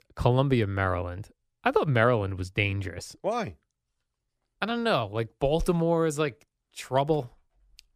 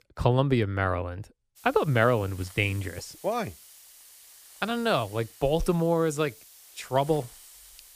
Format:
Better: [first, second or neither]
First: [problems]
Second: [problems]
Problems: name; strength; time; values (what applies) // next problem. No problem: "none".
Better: first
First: none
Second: hiss; faint; from 1.5 s on; 20 dB below the speech